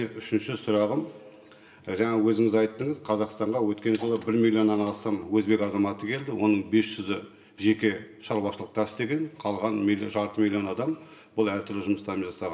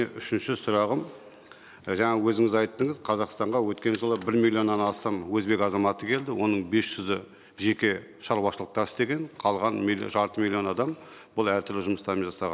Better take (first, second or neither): second